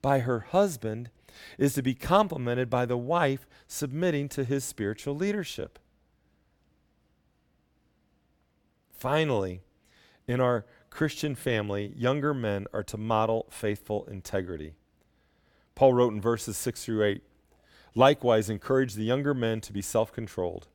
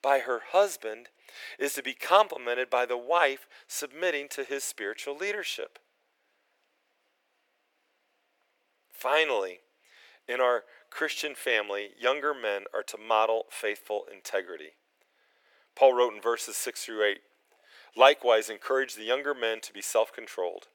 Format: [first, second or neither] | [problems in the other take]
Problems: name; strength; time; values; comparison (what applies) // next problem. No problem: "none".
first | thin; very; fading below 450 Hz